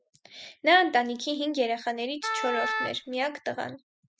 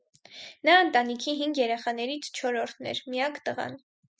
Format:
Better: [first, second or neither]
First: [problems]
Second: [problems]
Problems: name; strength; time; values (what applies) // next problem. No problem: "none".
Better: second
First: background sound (Wind instrument, woodwind instrument); 4 dB below the speech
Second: none